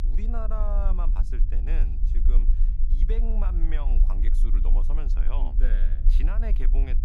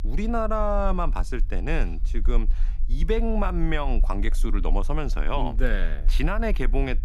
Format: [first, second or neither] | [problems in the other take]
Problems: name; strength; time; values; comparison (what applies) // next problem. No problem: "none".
second | low rumble; loud; throughout; 9 dB below the speech; faint in the second